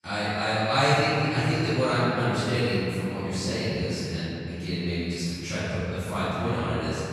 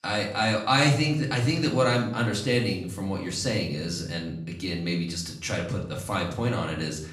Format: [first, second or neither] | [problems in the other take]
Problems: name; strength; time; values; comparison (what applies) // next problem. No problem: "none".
second | room echo; strong; dies away in 2.6 s; slight in the second // off-mic speech; far; far in the second